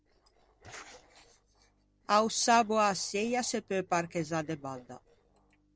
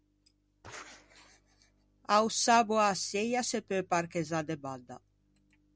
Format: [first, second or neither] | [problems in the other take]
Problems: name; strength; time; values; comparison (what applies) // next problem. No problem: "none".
second | noise reduction (neural separator model SepFormer DNS4)